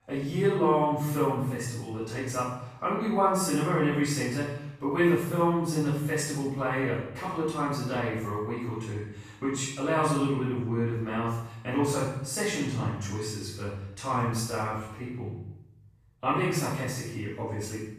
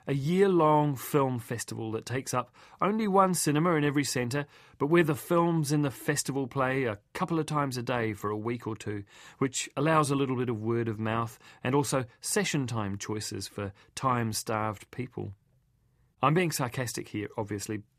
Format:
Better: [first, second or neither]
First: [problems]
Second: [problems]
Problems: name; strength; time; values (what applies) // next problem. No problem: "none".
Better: second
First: room echo; strong; dies away in 0.7 s // off-mic speech; far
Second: none